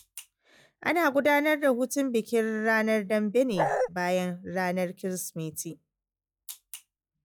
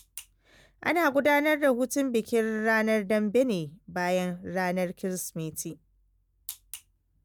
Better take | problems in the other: second | noise reduction (classical method log-MMSE)

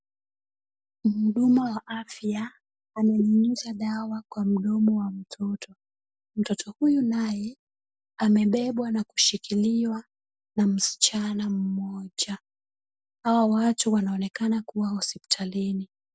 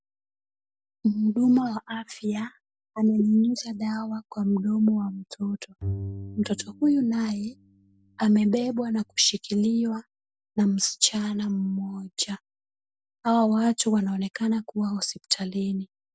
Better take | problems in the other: first | background sound (Bowed string instrument); 12 dB below the speech

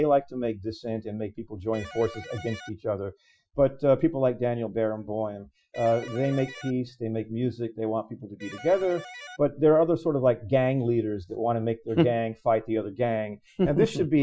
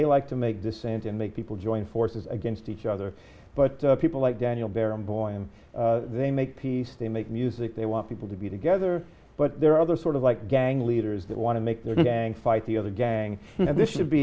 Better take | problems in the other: second | noise reduction (classical method Wiener filter)

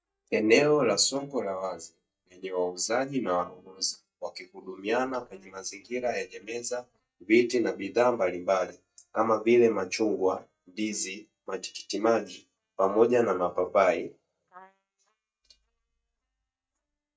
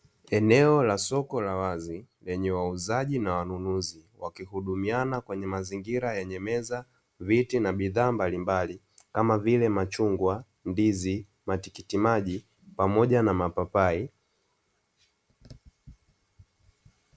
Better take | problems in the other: second | noise reduction (neural mask model DeepFilterNet 3)

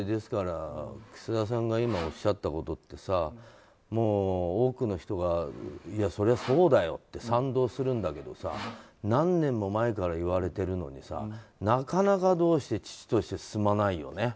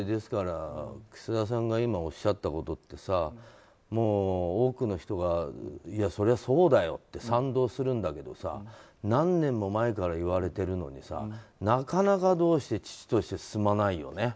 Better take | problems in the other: second | background sound (Sawing); 19 dB below the speech

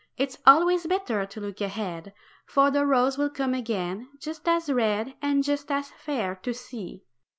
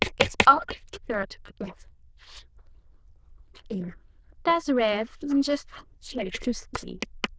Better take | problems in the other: first | noise reduction (neural diffusion model UNIVERSE++)

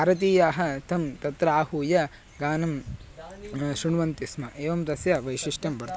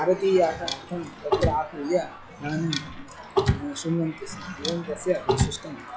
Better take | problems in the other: first | noise reduction (classical method log-MMSE)

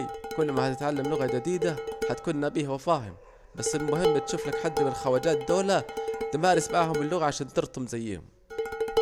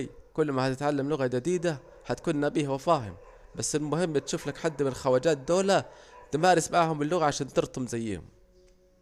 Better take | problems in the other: second | background sound (Dishes, pots, and pans); 4 dB below the speech

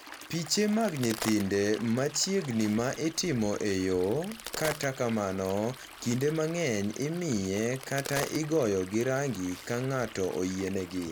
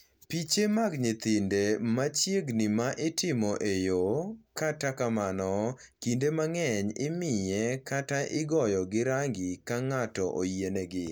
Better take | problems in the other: second | background sound (Crack + Stream); 14 dB below the speech

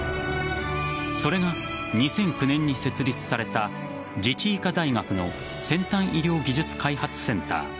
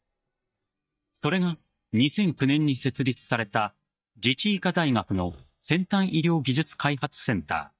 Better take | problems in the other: first | noise reduction (neural mask model DeepFilterNet 3)

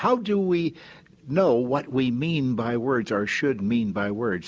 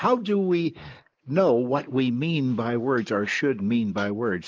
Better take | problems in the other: first | noise reduction (neural mask model Resemble Enhance denoiser)

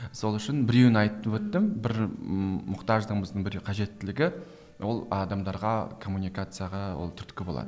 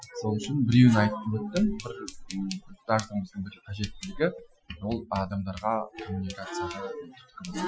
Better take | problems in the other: first | noise reduction (classical method Wiener filter)

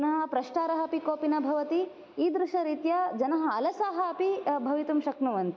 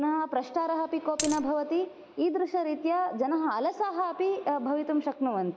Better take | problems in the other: first | background sound (Coin (dropping)); 5 dB below the speech

